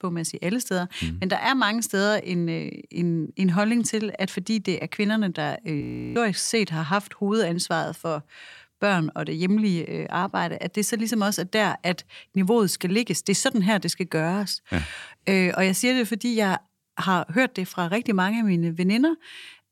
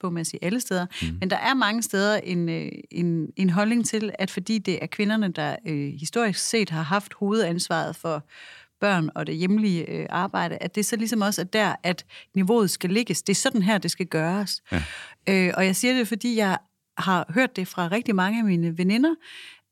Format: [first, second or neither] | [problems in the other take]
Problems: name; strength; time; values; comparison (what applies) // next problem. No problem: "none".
second | audio freezing; at 6 s